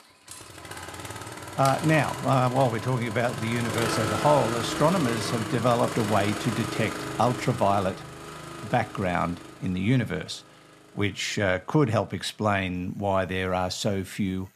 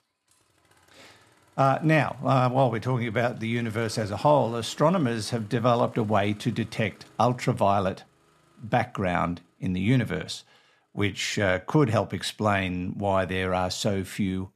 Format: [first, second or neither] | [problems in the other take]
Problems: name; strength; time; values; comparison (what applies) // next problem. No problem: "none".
second | traffic noise; loud; throughout; 7 dB below the speech; faint in the second